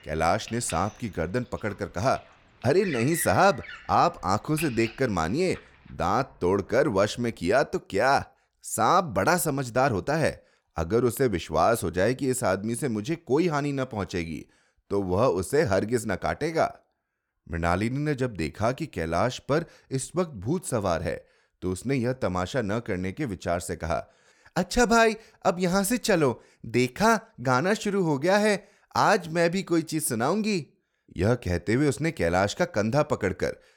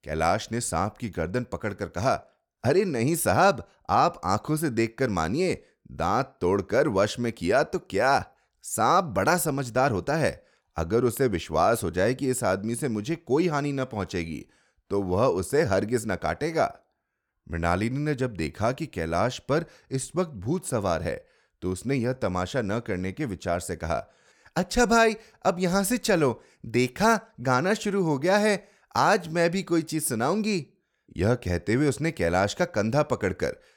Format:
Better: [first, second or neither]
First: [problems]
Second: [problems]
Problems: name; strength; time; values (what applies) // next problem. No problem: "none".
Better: second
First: animal sounds; noticeable; until 7.5 s; 15 dB below the speech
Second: none